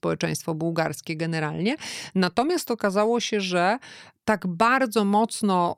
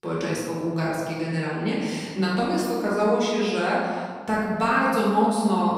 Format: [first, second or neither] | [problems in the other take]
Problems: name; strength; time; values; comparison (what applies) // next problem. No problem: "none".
first | room echo; noticeable; dies away in 1.5 s // off-mic speech; far